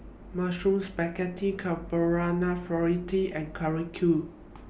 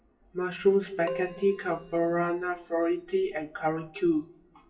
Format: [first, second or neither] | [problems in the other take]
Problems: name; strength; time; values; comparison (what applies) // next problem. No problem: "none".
first | noise reduction (classical method WPE with log-MMSE)